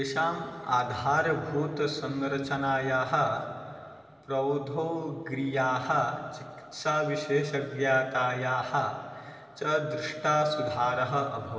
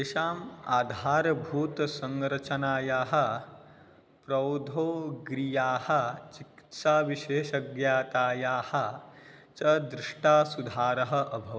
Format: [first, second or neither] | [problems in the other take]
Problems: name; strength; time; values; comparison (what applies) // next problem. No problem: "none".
second | room echo; dies away in 2.6 s